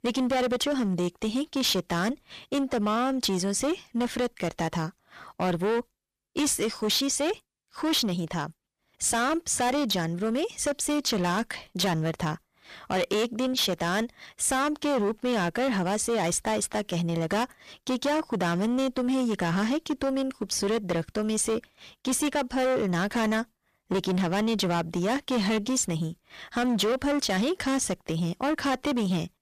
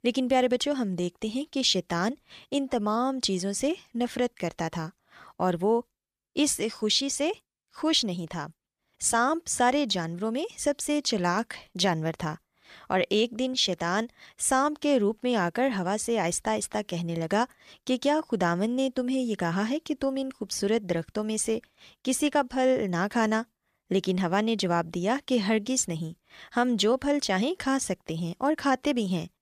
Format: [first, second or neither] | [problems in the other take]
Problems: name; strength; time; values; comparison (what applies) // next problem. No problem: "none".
second | distortion; heavy; 18% of the sound clipped